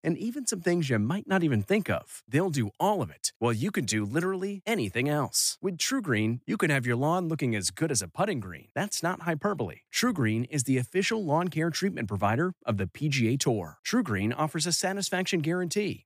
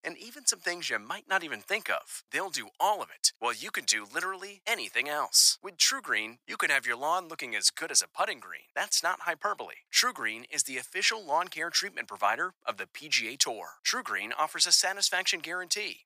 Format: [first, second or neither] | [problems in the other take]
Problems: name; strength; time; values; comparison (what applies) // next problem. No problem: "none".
first | thin; very; fading below 950 Hz